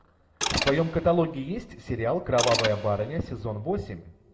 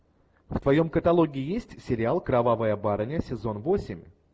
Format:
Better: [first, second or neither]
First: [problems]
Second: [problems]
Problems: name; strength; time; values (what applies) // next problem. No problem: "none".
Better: second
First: background sound (Mechanisms); 7 dB below the speech // room echo; dies away in 1 s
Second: none